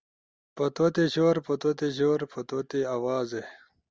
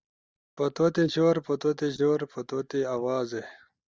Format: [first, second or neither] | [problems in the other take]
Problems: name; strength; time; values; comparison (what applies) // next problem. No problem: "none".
first | noise reduction (neural mask model DeepFilterNet 3)